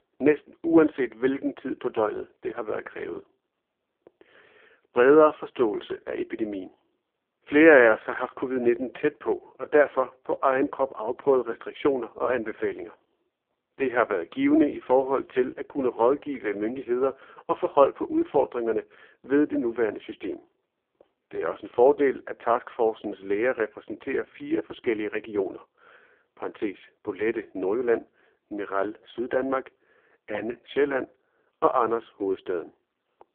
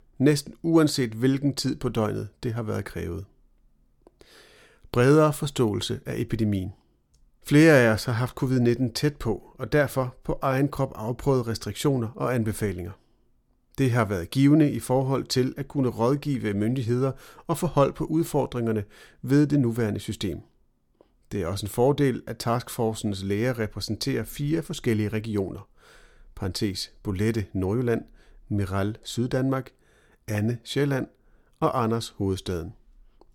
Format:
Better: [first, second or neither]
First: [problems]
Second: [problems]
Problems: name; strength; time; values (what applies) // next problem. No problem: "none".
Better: second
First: phone-call audio; poor line; nothing above 3.5 kHz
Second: none